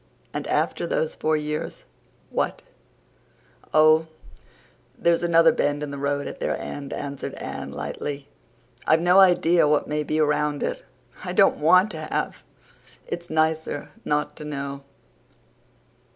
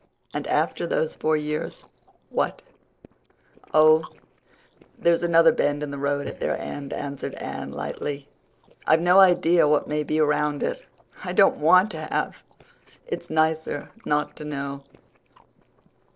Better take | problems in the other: first | noise reduction (neural separator model SepFormer DNS4)

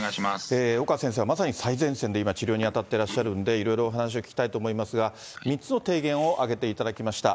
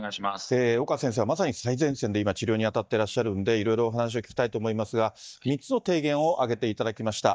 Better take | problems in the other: first | noise reduction (neural mask model DeepFilterNet 3)

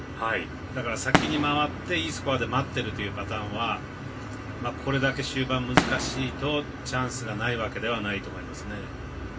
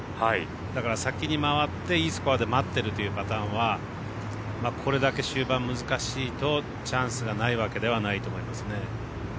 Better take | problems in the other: second | background sound (Fireworks); 5 dB below the speech // room echo; dies away in 0.2 s

